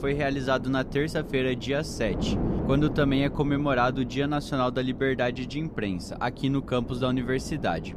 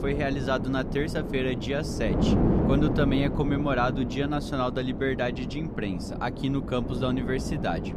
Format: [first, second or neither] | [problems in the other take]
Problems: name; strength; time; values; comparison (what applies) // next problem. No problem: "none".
first | wind noise on the microphone; heavy; 5 dB below the speech; occasional gusts in the first